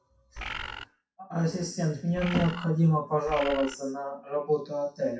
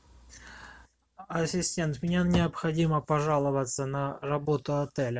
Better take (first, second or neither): second